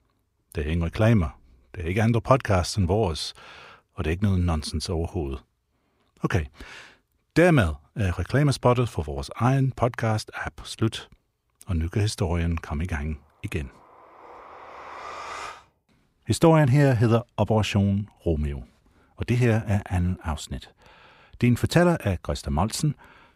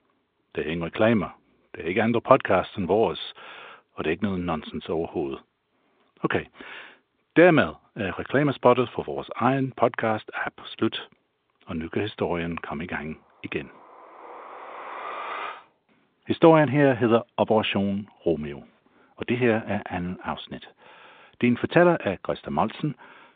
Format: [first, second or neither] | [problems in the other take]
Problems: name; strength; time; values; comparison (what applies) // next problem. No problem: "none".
first | phone-call audio; nothing above 3.5 kHz